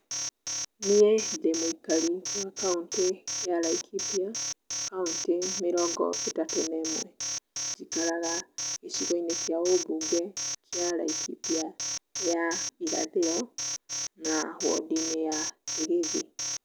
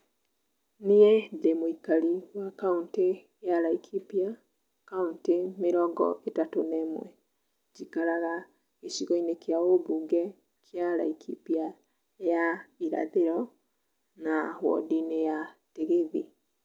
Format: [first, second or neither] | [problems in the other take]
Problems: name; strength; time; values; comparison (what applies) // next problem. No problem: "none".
second | background sound (Alarm); 4 dB below the speech